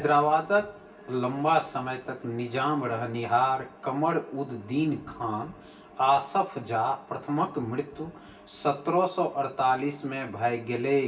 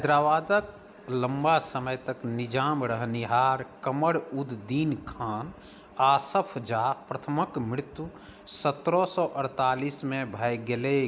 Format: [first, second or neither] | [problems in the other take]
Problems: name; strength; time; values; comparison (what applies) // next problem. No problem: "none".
second | room echo; dies away in 0.2 s